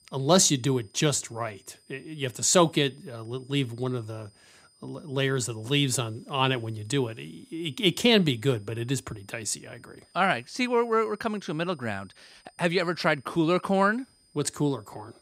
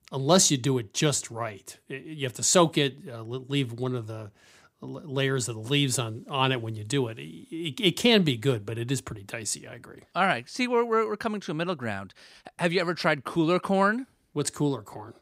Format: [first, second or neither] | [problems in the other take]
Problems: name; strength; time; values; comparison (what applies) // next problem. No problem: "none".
second | high-pitched whine; faint; throughout; 5 kHz, 35 dB below the speech